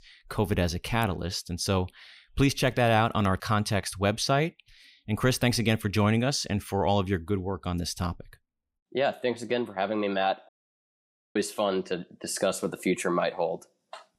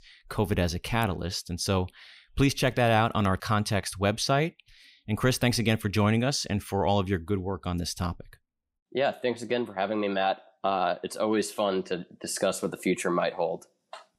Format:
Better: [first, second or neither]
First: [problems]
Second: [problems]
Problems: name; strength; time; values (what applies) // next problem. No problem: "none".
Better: second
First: audio cutting out; at 10 s for 1 s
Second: none